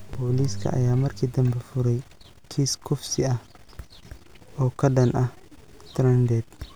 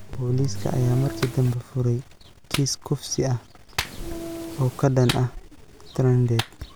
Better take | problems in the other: first | background sound (Train + Clapping); 12 dB below the speech

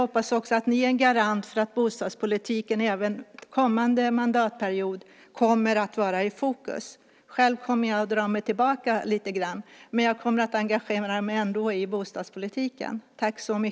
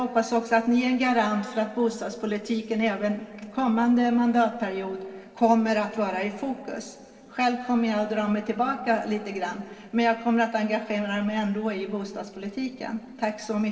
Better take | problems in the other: first | noise reduction (neural separator model SepFormer DNS4)

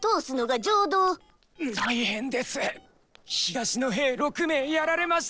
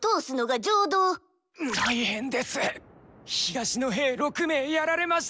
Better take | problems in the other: second | noise reduction (neural separator model SepFormer DNS4)

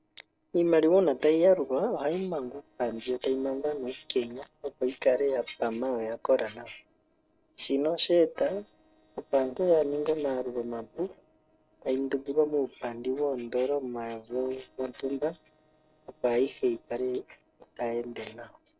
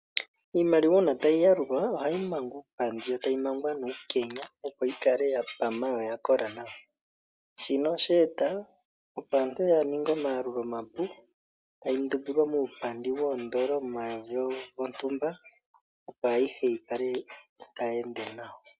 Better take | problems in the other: second | noise reduction (neural separator model SepFormer DNS4)

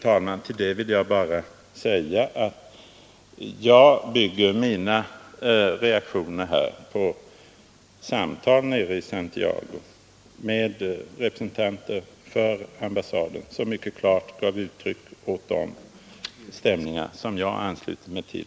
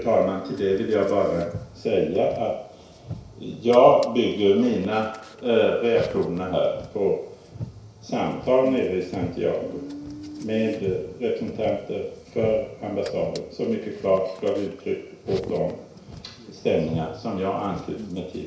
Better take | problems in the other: first | background sound (Car); 16 dB below the speech // room echo; dies away in 0.6 s

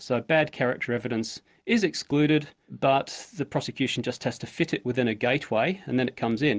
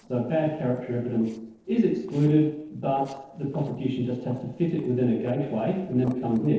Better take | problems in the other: first | noise reduction (neural separator model SepFormer DNS4)

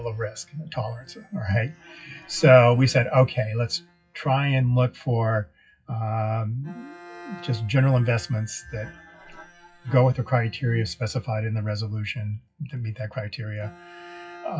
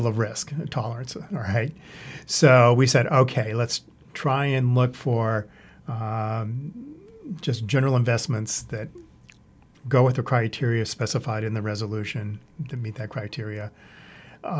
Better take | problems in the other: second | noise reduction (classical method WPE with log-MMSE)

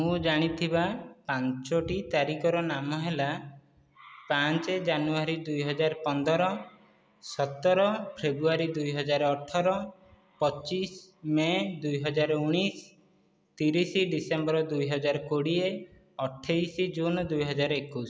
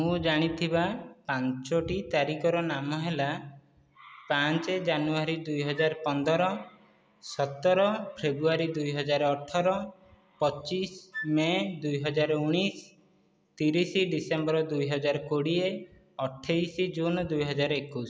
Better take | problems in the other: first | background sound (Wind instrument, woodwind instrument); 13 dB below the speech

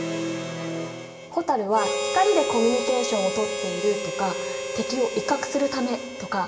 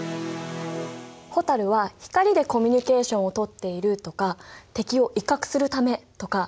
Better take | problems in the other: second | background sound (Harmonica); 5 dB below the speech // room echo; dies away in 1.6 s

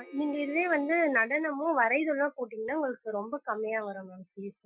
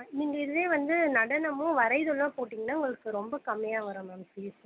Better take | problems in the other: second | noise reduction (classical method Wiener filter)

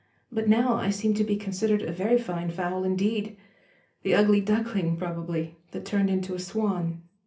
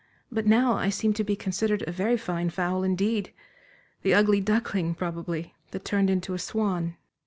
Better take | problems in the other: second | room echo; dies away in 0.3 s

